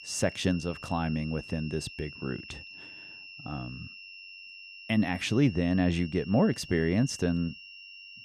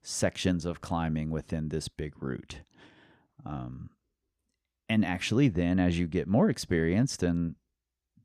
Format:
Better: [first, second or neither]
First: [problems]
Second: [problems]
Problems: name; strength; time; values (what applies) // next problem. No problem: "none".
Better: second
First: high-pitched whine; noticeable; throughout; 2.5 kHz, 15 dB below the speech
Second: none